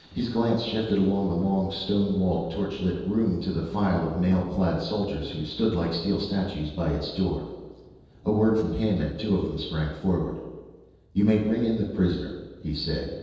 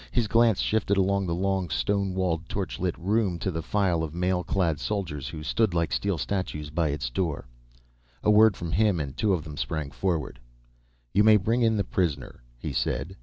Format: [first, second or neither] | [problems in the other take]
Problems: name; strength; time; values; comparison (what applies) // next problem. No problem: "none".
second | noise reduction (neural separator model SepFormer DNS4)